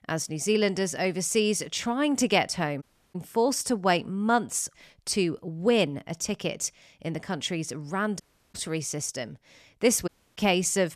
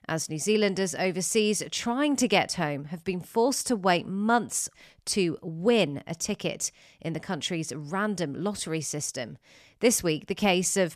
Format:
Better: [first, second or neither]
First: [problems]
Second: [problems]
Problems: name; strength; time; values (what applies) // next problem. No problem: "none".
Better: second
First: audio cutting out; at 3 s, at 8 s and at 10 s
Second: none